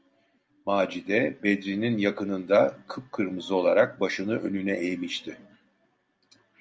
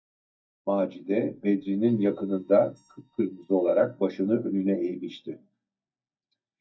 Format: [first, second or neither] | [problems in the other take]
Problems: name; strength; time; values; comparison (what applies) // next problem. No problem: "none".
first | noise reduction (neural mask model DeepFilterNet 3)